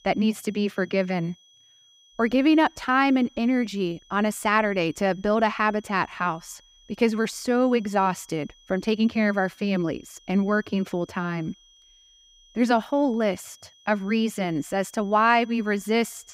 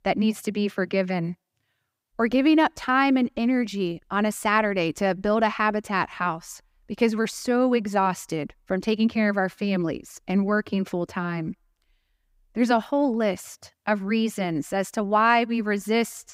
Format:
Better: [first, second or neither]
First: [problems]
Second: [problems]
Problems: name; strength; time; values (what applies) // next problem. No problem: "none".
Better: second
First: high-pitched whine; faint; throughout; 3.5 kHz, 30 dB below the speech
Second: none